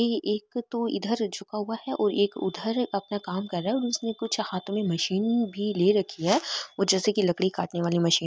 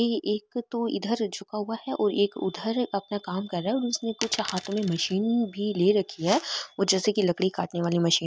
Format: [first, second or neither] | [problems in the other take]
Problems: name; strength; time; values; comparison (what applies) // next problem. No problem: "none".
first | background sound (Coin (dropping)); 11 dB below the speech